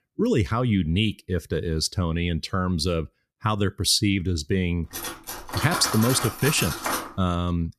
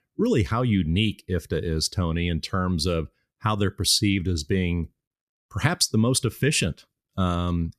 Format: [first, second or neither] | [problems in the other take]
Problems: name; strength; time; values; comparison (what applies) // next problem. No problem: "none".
second | clattering dishes; noticeable; from 5 to 7 s; peak 3 dB below the speech